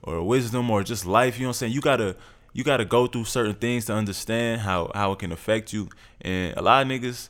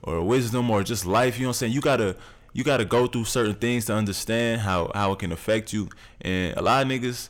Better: first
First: none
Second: distortion; slight; 10 dB below the speech

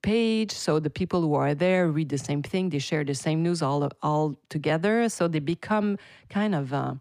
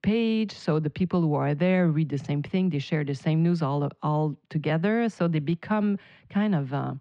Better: first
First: none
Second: muffled; very slightly; fading above 3 kHz

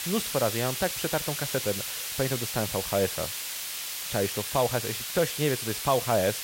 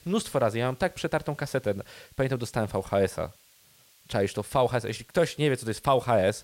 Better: second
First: hiss; loud; throughout; 2 dB below the speech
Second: hiss; faint; throughout; 30 dB below the speech

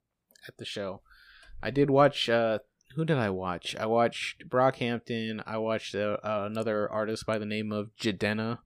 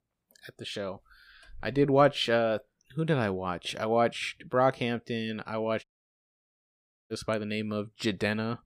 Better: first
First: none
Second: audio cutting out; at 6 s for 1.5 s

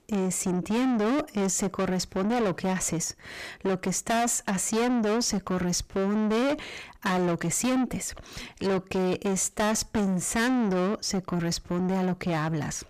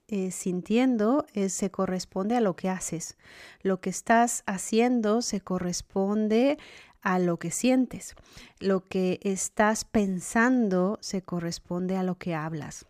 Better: second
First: distortion; heavy; 6 dB below the speech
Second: none

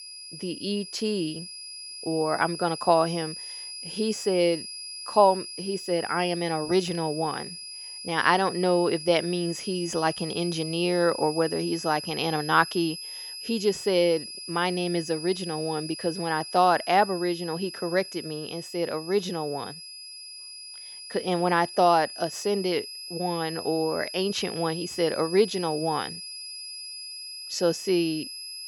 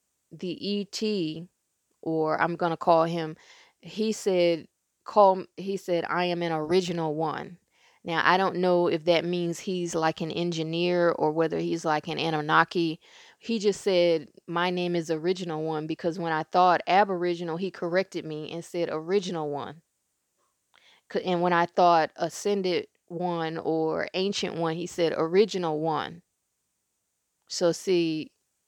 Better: second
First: high-pitched whine; loud; throughout; 5 kHz, 10 dB below the speech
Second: none

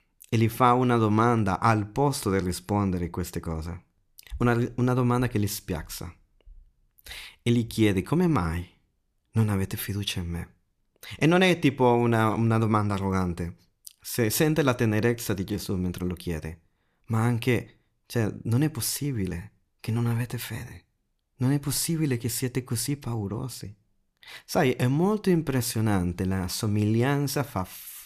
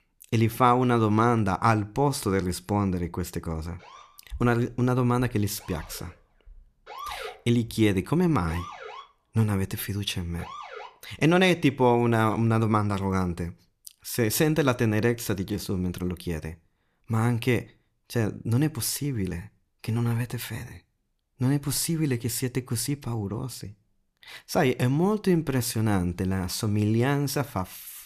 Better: first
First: none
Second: siren; faint; from 4 to 11 s; peak 10 dB below the speech

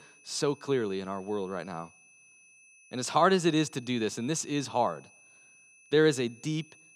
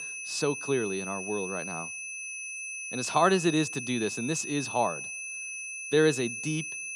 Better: first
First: high-pitched whine; faint; throughout; 2.5 kHz, 25 dB below the speech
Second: high-pitched whine; loud; throughout; 2.5 kHz, 6 dB below the speech

